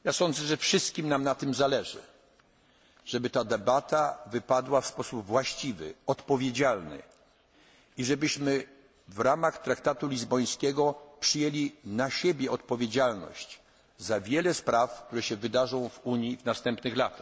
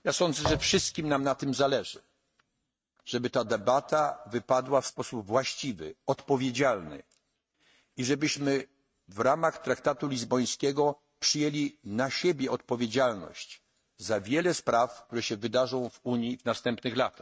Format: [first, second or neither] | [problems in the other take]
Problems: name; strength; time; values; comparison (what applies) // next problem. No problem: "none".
first | noise reduction (neural mask model RNNoise)